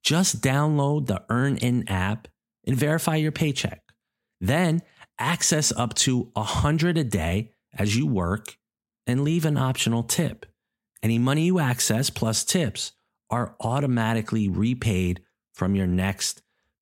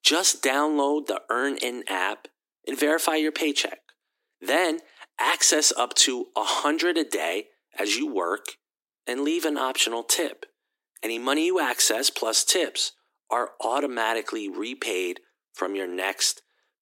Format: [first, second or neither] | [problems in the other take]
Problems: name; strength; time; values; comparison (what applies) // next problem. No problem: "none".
first | thin; very; fading below 300 Hz